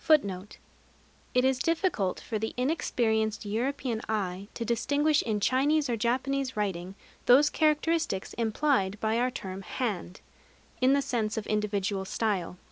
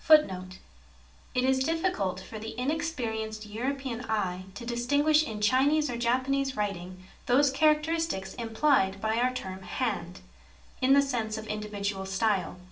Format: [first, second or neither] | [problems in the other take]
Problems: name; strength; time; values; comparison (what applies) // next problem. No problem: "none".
first | room echo; dies away in 0.3 s